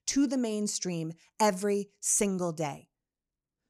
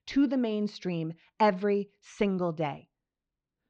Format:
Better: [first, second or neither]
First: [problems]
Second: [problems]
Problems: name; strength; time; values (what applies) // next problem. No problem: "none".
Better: first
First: none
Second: muffled; very; fading above 4 kHz